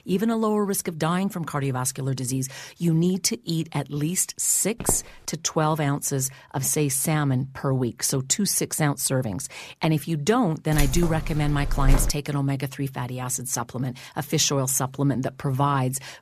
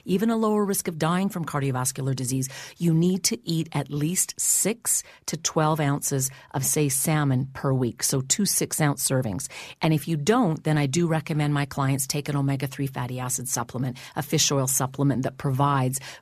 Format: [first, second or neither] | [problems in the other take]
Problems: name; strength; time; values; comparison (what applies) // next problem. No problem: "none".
second | footsteps; noticeable; at 5 s; peak 8 dB below the speech // jangling keys; noticeable; from 11 to 12 s; peak 2 dB below the speech